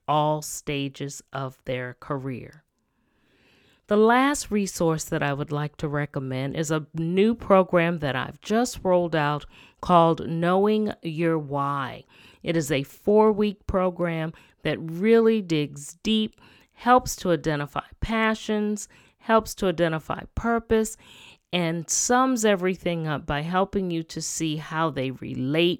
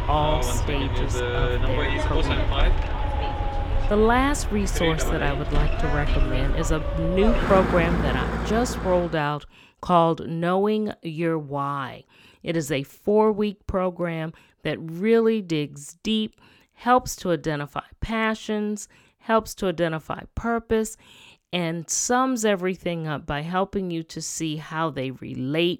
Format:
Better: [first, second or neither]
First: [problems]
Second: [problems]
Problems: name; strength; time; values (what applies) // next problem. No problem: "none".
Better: first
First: none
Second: traffic noise; loud; until 9 s; 1 dB below the speech